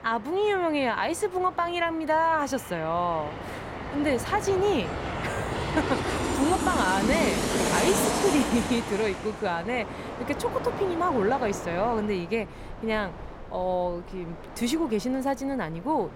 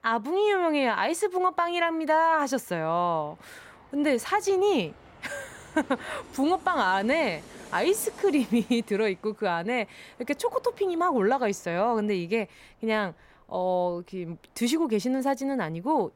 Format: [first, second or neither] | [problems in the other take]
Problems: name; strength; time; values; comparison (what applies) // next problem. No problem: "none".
second | train or aircraft noise; loud; throughout; 3 dB below the speech; faint in the second